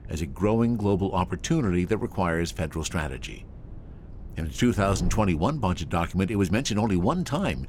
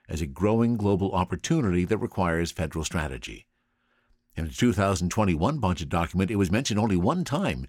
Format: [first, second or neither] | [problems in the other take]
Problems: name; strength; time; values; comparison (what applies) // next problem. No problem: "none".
second | wind noise on the microphone; occasional gusts; 25 dB below the speech